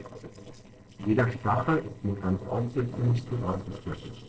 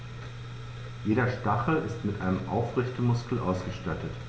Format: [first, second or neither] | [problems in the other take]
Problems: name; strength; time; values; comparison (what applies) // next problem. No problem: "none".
second | noise reduction (neural separator model SepFormer DNS4)